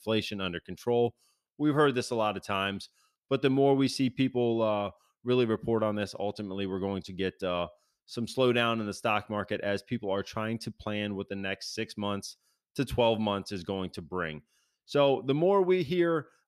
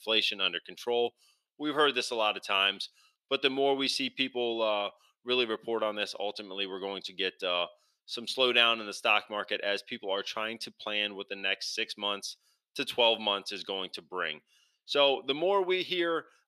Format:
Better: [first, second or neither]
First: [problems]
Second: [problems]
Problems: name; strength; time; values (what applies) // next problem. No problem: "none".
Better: first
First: none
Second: thin; somewhat; fading below 400 Hz